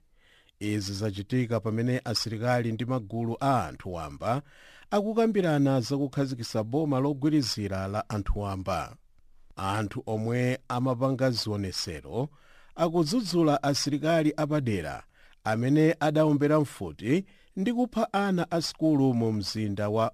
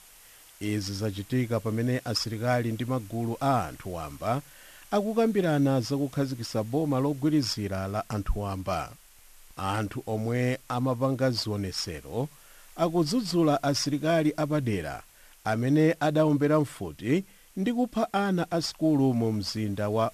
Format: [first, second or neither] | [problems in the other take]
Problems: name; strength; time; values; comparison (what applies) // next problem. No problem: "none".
first | hiss; faint; throughout; 25 dB below the speech